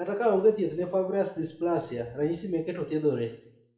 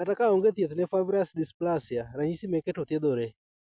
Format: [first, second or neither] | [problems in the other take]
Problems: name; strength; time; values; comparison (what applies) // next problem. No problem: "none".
second | room echo; dies away in 0.6 s